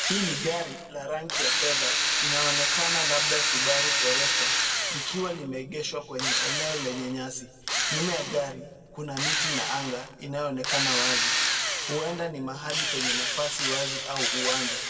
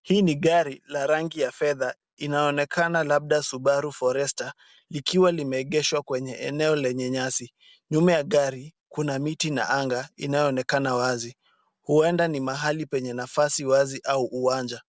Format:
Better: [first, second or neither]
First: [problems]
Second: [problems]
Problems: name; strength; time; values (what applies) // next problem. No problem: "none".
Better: second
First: background sound (Drill); 5 dB above the speech // room echo; dies away in 1.4 s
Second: none